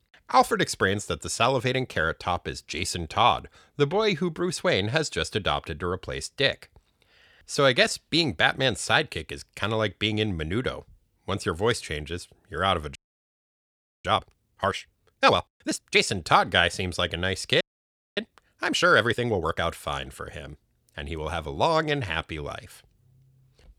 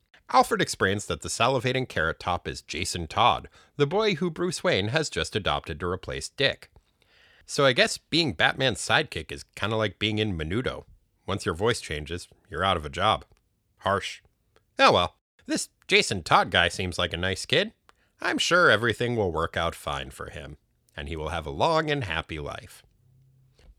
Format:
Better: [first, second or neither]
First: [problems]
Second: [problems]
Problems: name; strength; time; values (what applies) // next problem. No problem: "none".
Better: second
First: audio freezing; at 13 s for 1 s and at 18 s for 0.5 s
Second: none